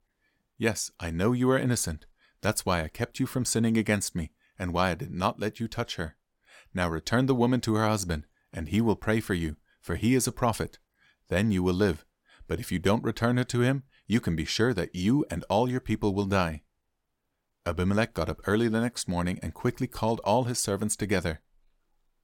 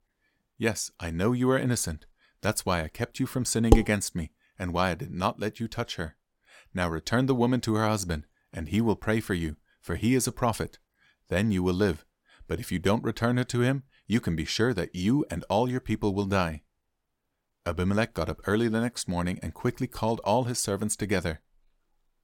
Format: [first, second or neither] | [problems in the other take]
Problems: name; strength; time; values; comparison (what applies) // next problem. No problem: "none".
first | clattering dishes; loud; at 3.5 s; peak 4 dB above the speech